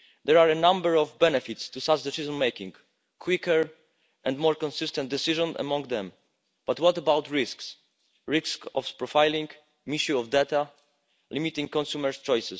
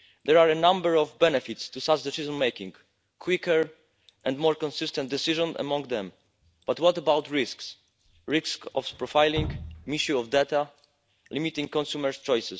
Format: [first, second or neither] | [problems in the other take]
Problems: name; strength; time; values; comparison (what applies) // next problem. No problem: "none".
first | background sound (Drip); 19 dB below the speech